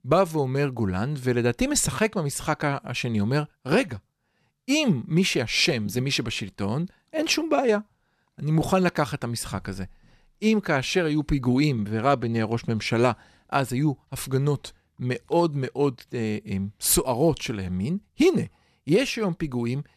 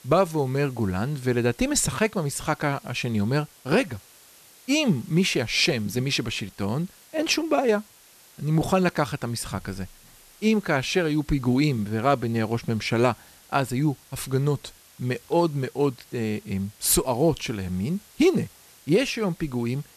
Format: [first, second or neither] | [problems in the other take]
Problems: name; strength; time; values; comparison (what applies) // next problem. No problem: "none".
first | hiss; faint; throughout; 25 dB below the speech